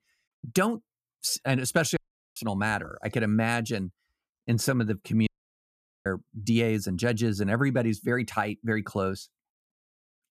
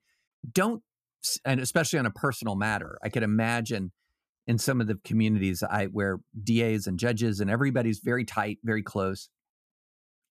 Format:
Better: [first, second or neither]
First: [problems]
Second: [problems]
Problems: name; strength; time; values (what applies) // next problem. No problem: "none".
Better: second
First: audio cutting out; at 2 s and at 5.5 s for 1 s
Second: none